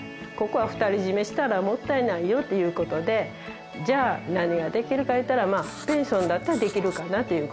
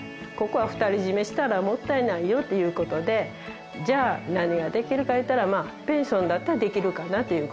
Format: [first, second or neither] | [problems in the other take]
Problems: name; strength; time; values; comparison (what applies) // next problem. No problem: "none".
second | background sound (Writing); 18 dB below the speech